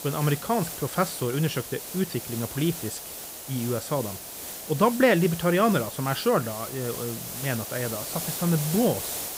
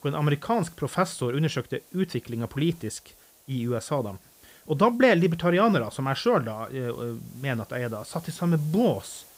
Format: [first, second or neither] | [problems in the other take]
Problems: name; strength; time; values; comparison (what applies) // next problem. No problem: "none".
second | hiss; loud; throughout; 7 dB below the speech; faint in the second